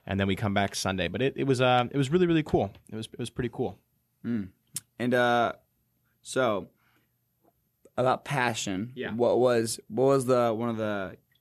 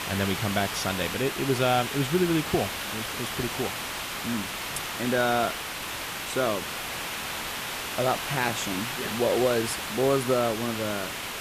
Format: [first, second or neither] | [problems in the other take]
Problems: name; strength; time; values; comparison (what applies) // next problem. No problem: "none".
first | hiss; loud; throughout; 4 dB below the speech